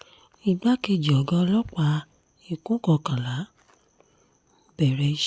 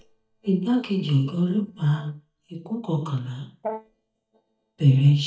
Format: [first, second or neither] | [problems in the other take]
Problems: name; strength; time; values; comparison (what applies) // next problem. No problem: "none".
first | noise reduction (neural mask model DeepFilterNet 3)